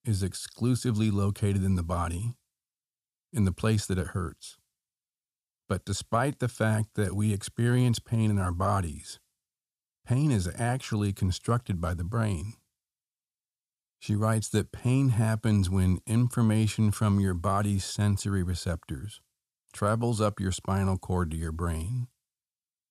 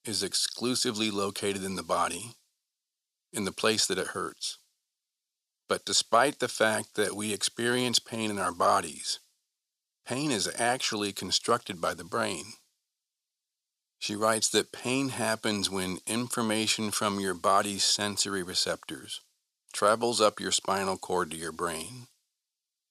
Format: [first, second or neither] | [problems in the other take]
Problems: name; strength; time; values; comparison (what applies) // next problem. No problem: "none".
first | thin; very; fading below 400 Hz